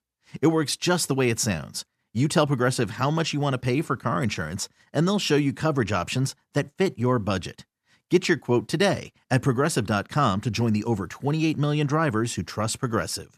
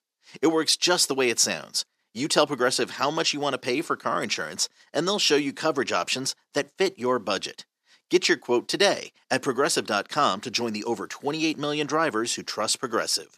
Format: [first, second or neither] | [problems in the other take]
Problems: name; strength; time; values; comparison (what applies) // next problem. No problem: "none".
first | thin; somewhat; fading below 400 Hz